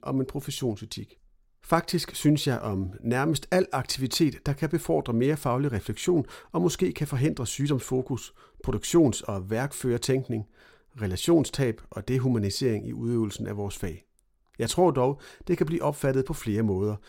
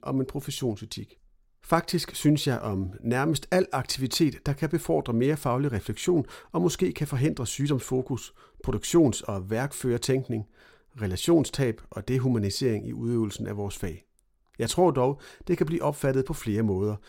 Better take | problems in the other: neither | none

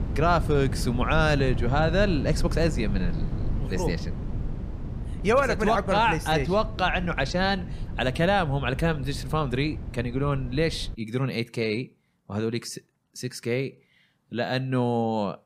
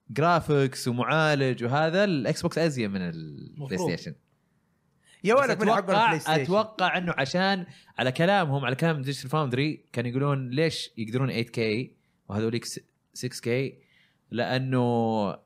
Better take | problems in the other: second | low rumble; noticeable; until 11 s; 15 dB below the speech

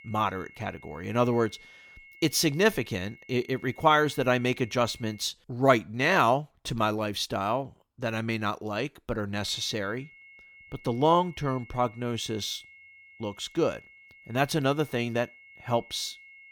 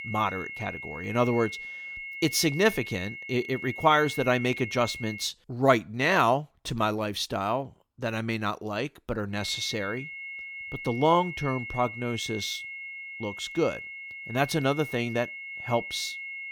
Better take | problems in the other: first | high-pitched whine; loud; until 5 s and from 9.5 s on; 2 kHz, 9 dB below the speech; faint in the first

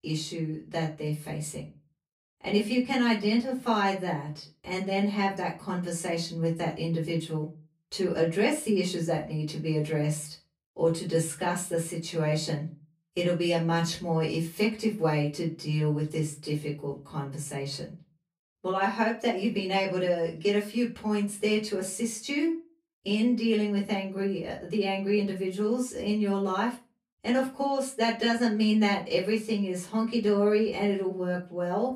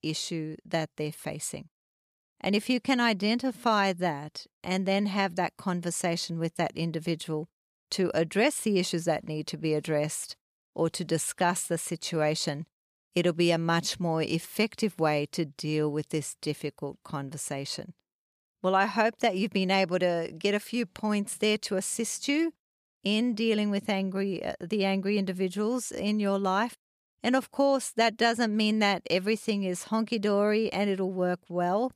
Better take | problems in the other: second | off-mic speech; far // room echo; slight; dies away in 0.3 s

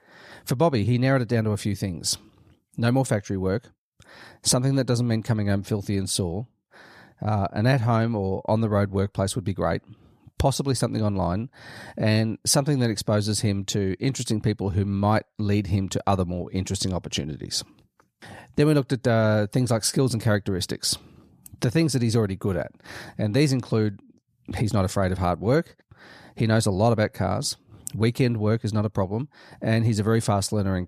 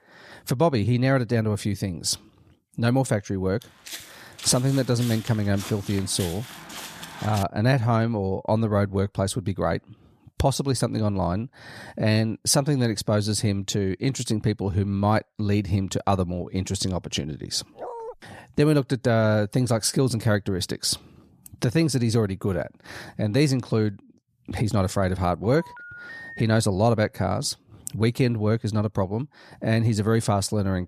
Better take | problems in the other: first | footsteps; faint; from 3.5 to 7.5 s; peak 10 dB below the speech // dog barking; faint; at 18 s; peak 10 dB below the speech // phone ringing; faint; at 25 s; peak 15 dB below the speech

